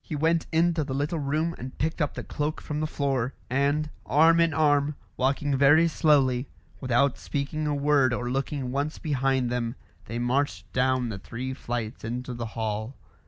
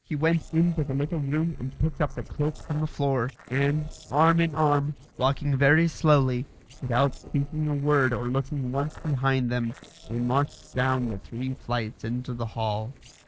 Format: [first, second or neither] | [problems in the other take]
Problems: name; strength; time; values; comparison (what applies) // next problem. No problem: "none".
first | noise reduction (neural separator model SepFormer DNS4)